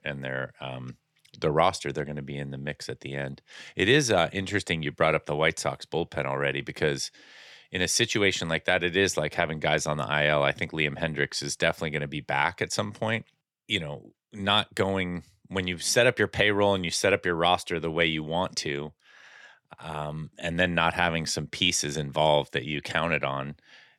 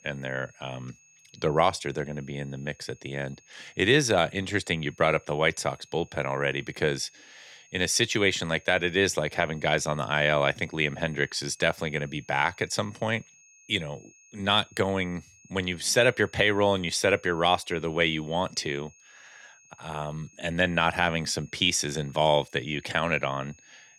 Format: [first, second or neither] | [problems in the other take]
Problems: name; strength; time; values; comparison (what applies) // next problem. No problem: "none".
first | high-pitched whine; faint; throughout; 6.5 kHz, 30 dB below the speech